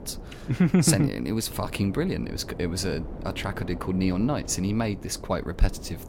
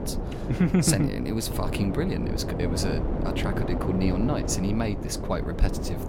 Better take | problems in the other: first | wind noise on the microphone; heavy; 4 dB below the speech; occasional gusts in the first

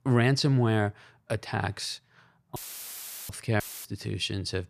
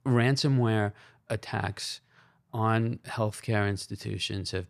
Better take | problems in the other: second | audio cutting out; filled with static; at 2.5 s for 0.5 s and at 3.5 s

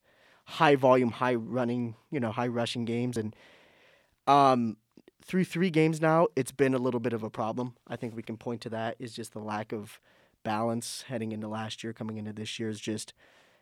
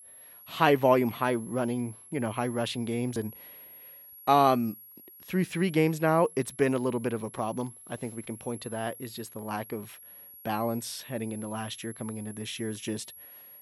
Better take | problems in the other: first | high-pitched whine; noticeable; throughout; 11 kHz, 15 dB below the speech

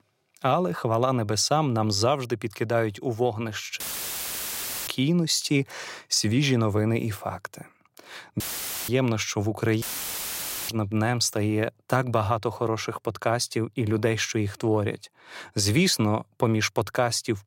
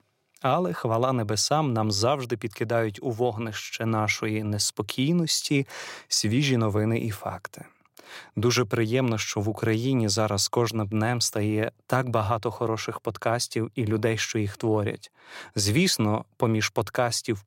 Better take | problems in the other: second | audio cutting out; filled with static; at 4 s for 1 s, at 8.5 s and at 10 s for 1 s

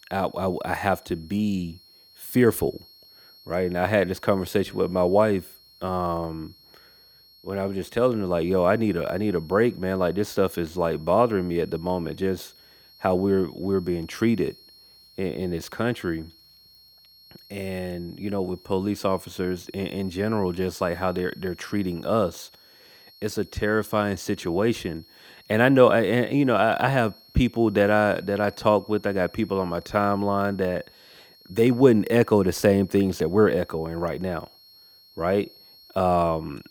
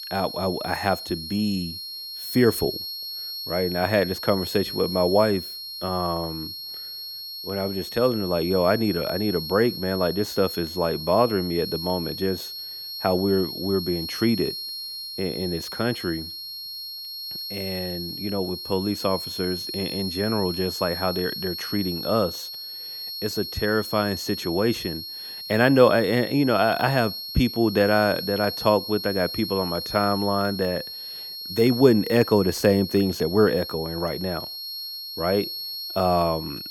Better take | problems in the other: first | high-pitched whine; loud; throughout; 4.5 kHz, 7 dB below the speech; faint in the first

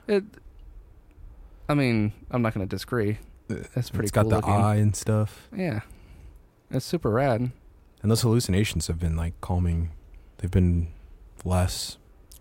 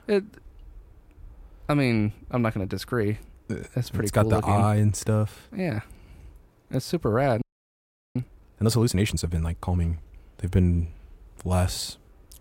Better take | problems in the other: first | audio freezing; at 7.5 s for 0.5 s

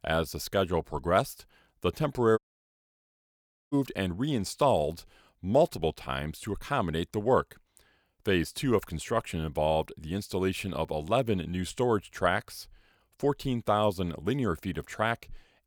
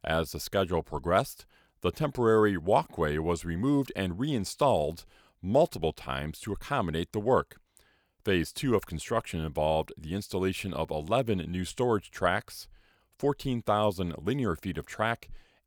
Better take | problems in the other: second | audio cutting out; at 2.5 s for 1.5 s

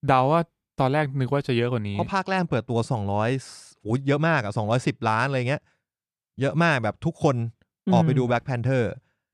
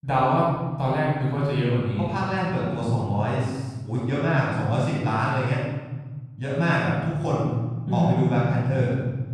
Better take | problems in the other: first | room echo; strong; dies away in 1.8 s // off-mic speech; far

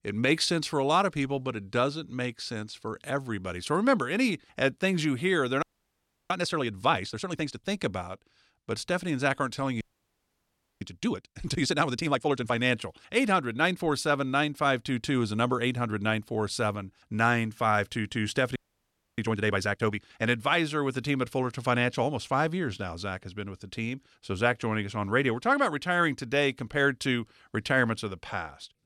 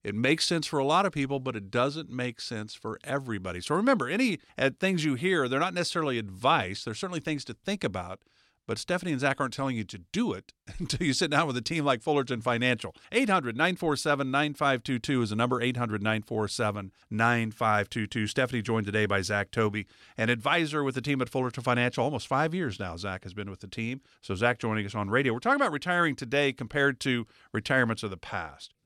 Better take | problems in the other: second | audio freezing; at 5.5 s for 0.5 s, at 10 s for 1 s and at 19 s for 0.5 s

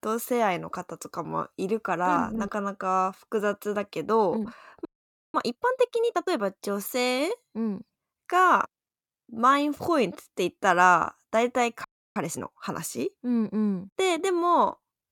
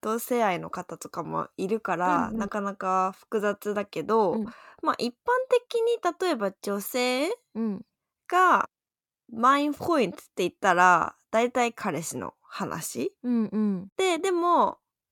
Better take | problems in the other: second | audio freezing; at 5 s and at 12 s

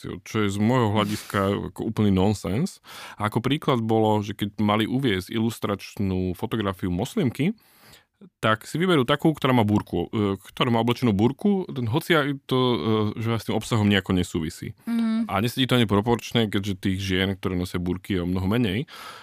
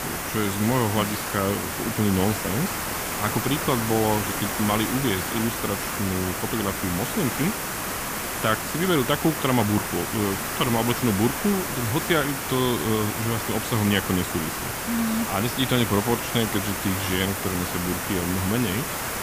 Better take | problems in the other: first | hiss; loud; throughout; 2 dB below the speech

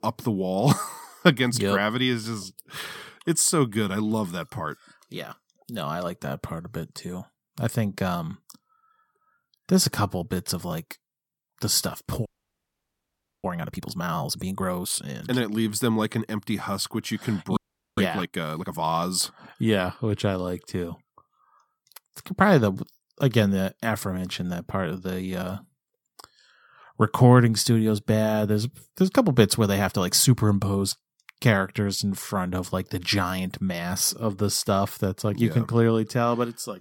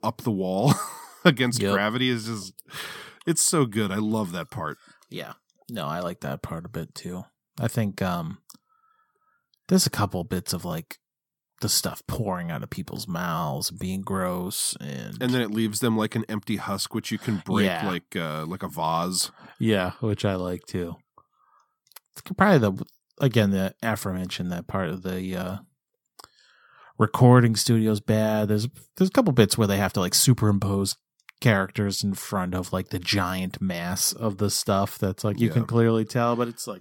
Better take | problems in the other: second | audio freezing; at 12 s for 1 s and at 18 s

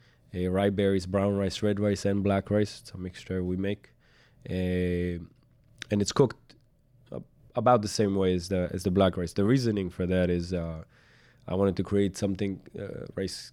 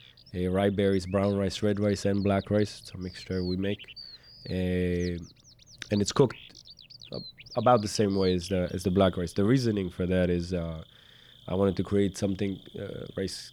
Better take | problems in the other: first | animal sounds; noticeable; throughout; 20 dB below the speech

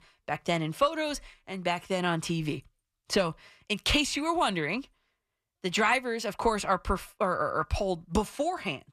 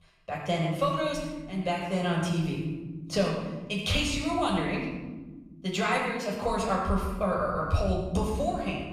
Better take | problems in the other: first | off-mic speech; far // room echo; noticeable; dies away in 1.8 s

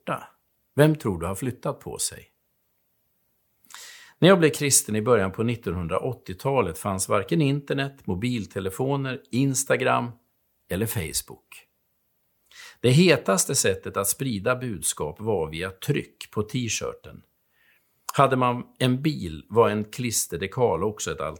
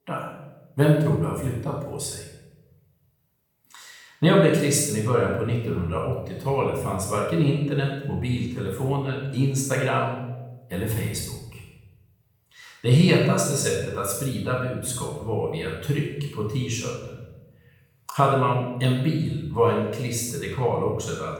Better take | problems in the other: first | off-mic speech; far // room echo; noticeable; dies away in 0.9 s

